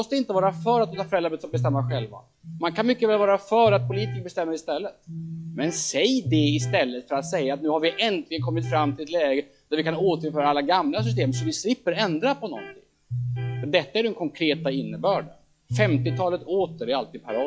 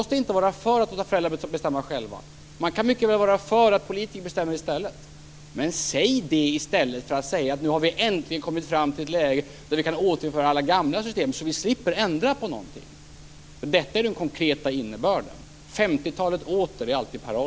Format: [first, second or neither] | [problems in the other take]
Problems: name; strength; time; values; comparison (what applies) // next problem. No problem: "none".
second | noise reduction (classical method log-MMSE)